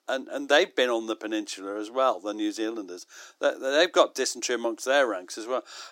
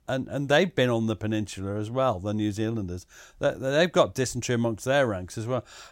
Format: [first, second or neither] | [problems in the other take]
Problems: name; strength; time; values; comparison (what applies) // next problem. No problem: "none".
second | thin; somewhat; fading below 300 Hz